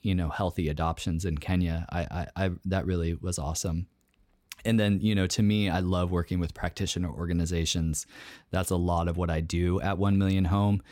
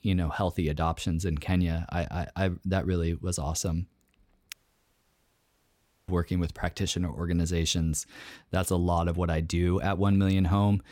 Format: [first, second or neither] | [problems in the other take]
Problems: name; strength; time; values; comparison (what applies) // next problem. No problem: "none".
first | audio cutting out; at 4.5 s for 1.5 s